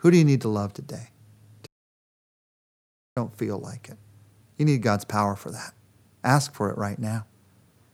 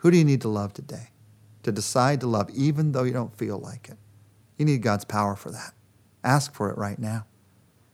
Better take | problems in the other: second | audio cutting out; at 1.5 s for 1.5 s

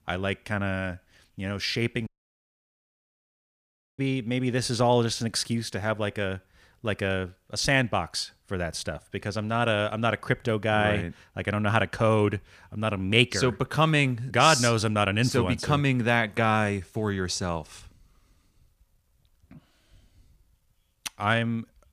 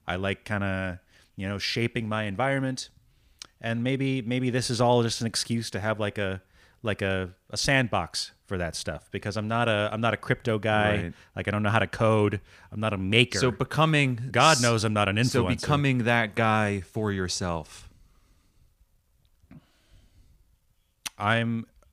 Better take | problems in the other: second | audio cutting out; at 2 s for 2 s

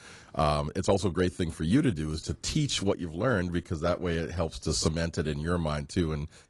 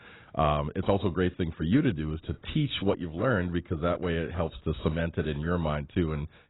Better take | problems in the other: first | garbled, watery; badly; nothing above 4 kHz; slightly in the first

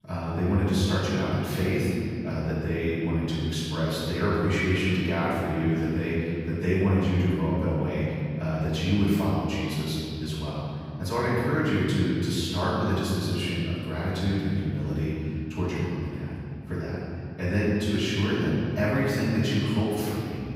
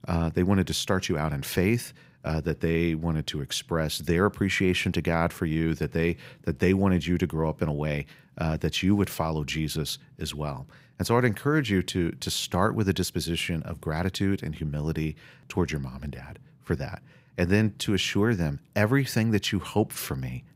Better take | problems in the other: second | off-mic speech; far // room echo; strong; dies away in 2.6 s

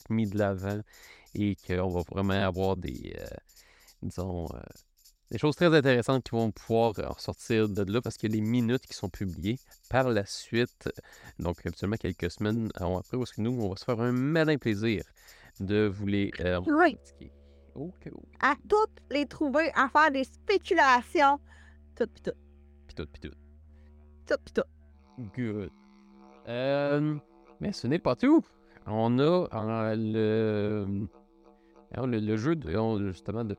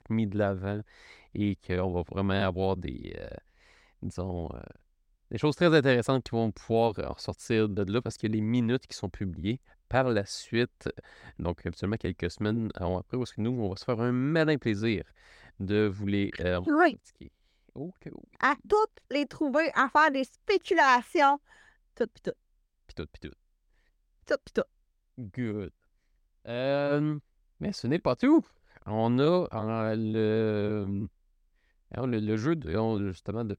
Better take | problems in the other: second | background music; faint; throughout; 30 dB below the speech

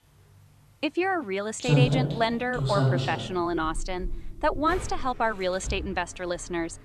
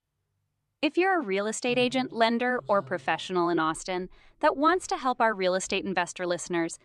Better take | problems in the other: second | household noises; loud; throughout; 1 dB below the speech; faint in the second

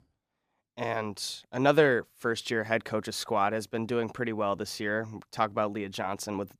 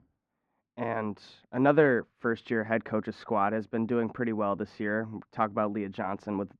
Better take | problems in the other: first | muffled; very; fading above 1.5 kHz

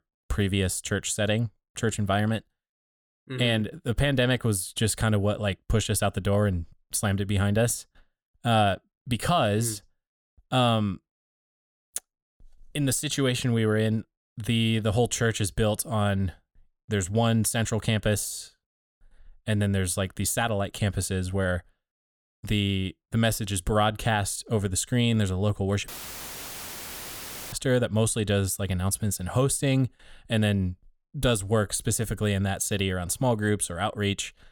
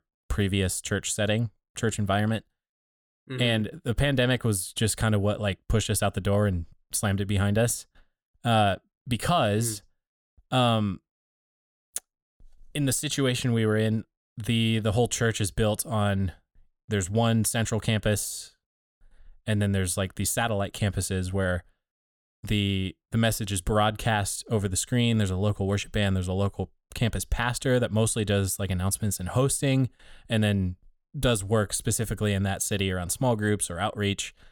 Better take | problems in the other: second | audio cutting out; filled with static; at 26 s for 1.5 s

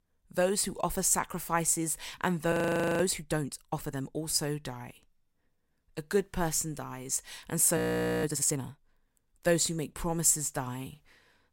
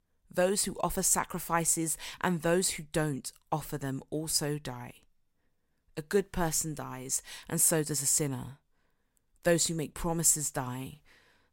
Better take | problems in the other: second | audio freezing; at 2.5 s and at 8 s

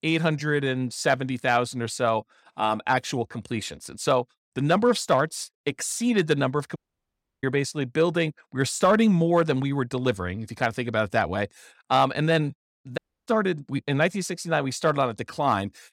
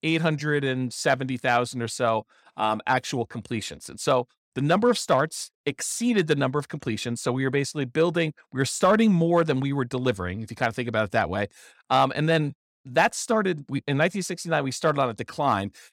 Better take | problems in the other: second | audio cutting out; at 7 s for 0.5 s and at 13 s

